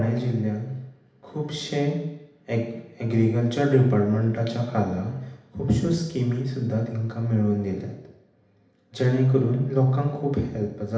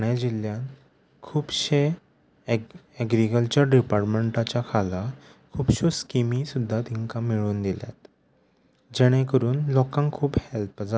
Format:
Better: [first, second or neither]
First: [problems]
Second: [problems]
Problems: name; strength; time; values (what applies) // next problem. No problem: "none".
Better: second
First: room echo; dies away in 0.8 s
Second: none